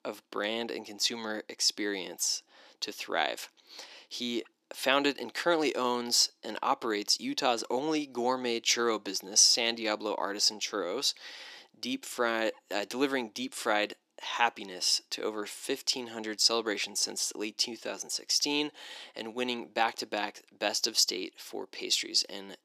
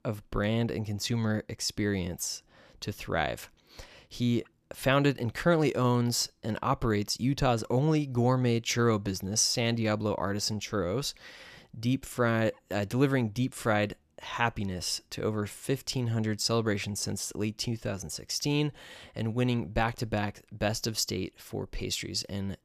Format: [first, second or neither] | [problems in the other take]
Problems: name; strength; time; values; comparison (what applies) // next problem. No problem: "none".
second | thin; somewhat; fading below 300 Hz